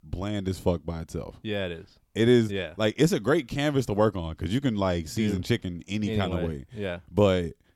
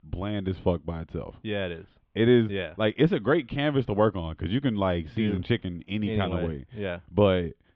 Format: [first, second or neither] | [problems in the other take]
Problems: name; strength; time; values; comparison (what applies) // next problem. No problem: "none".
first | muffled; very; fading above 3.5 kHz